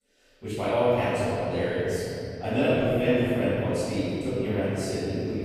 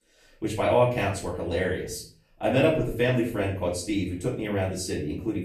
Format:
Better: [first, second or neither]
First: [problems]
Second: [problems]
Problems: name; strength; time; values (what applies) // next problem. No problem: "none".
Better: second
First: room echo; strong; dies away in 3 s // off-mic speech; far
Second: room echo; slight; dies away in 0.4 s // off-mic speech; far